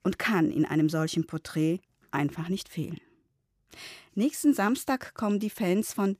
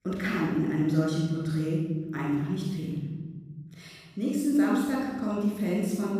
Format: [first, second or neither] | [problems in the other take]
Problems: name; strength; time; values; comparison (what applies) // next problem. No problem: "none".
first | off-mic speech; far // room echo; strong; dies away in 2.3 s